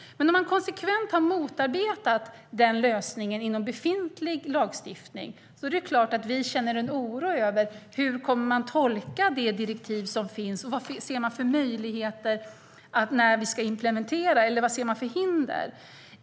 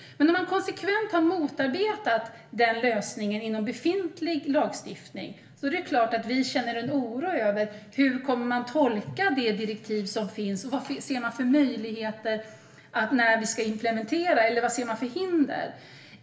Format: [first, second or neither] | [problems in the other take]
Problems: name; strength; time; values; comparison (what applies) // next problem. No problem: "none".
first | room echo; dies away in 0.6 s